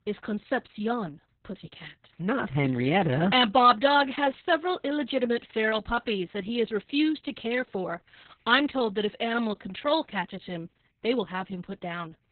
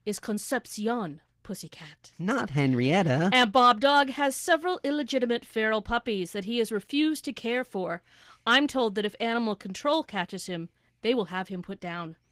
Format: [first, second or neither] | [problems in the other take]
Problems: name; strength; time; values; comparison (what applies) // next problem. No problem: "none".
second | garbled, watery; badly; nothing above 4 kHz; slightly in the second